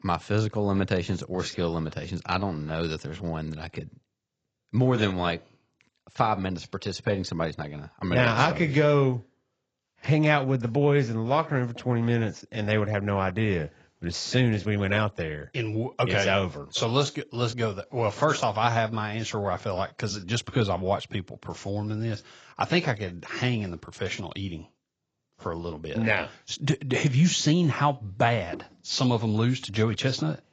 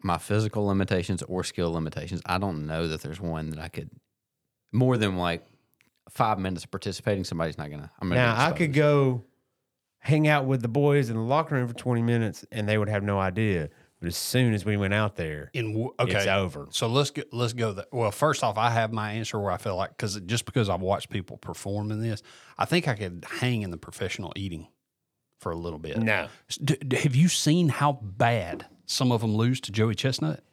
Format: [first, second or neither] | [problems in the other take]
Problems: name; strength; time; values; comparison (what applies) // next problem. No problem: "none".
second | garbled, watery; badly; nothing above 7.5 kHz